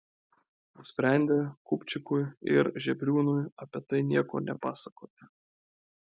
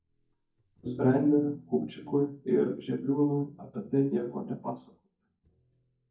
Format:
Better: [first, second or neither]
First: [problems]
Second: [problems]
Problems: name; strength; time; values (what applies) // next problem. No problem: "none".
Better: first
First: none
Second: noise reduction (neural mask model DeepFilterNet 3)